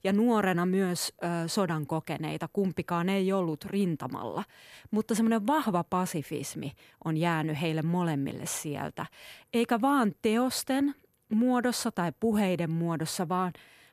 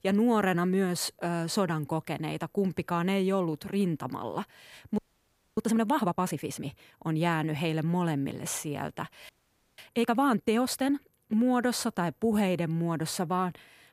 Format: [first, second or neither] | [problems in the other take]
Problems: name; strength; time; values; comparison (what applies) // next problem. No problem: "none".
first | audio freezing; at 5 s for 0.5 s and at 9.5 s